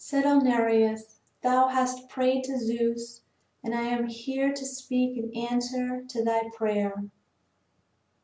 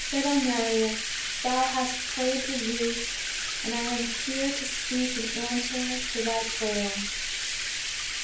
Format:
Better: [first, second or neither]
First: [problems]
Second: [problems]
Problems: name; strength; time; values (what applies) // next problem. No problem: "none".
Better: first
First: none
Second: background sound (Bathtub (filling or washing)); 1 dB below the speech